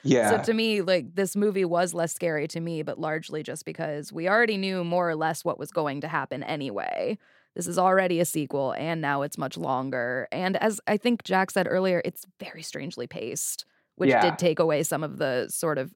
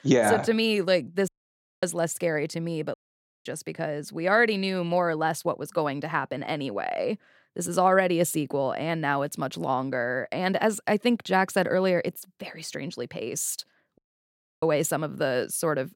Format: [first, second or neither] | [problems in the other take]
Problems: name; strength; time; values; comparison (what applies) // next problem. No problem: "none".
first | audio cutting out; at 1.5 s for 0.5 s, at 3 s for 0.5 s and at 14 s for 0.5 s